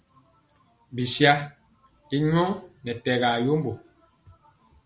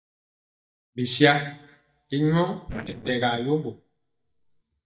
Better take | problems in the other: first | noise reduction (neural mask model DeepFilterNet 3)

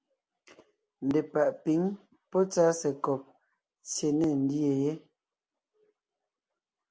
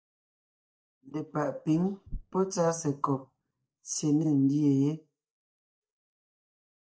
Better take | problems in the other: first | noise reduction (neural mask model DeepFilterNet 3)

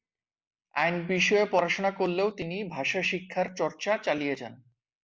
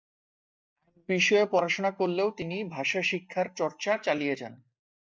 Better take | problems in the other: first | noise reduction (neural mask model DeepFilterNet 3)

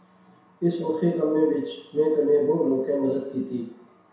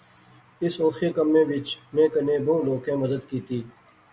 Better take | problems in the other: second | room echo; dies away in 0.7 s

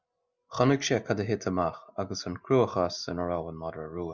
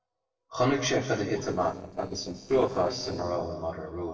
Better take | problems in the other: first | noise reduction (neural separator model SepFormer DNS4)

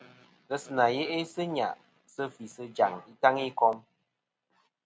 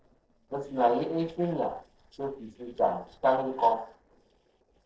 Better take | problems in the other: first | noise reduction (neural separator model SepFormer DNS4)

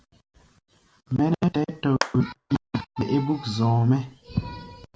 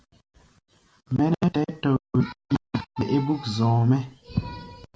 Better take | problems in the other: second | background sound (Clapping); 10 dB below the speech

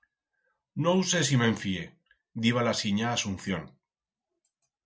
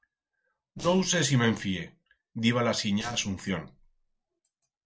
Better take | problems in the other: first | noise reduction (neural separator model SepFormer DNS4)

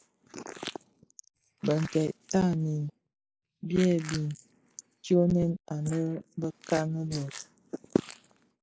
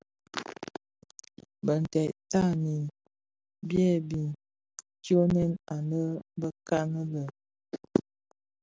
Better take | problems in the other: second | noise reduction (neural mask model Resemble Enhance denoiser)

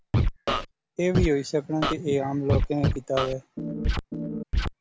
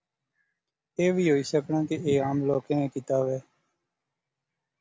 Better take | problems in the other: second | background sound (Organ + Scratching (performance technique)); 1 dB above the speech

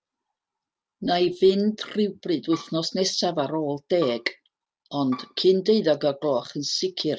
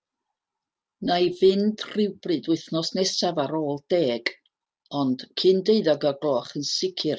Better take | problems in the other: second | background sound (Bowed string instrument); 16 dB below the speech

